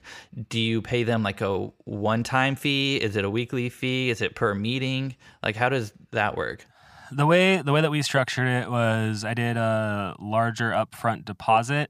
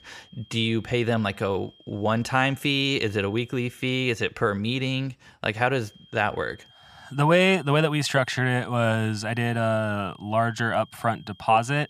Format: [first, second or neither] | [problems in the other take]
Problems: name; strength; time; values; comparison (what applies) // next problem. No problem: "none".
first | high-pitched whine; faint; until 4 s and from 6 s on; 3 kHz, 30 dB below the speech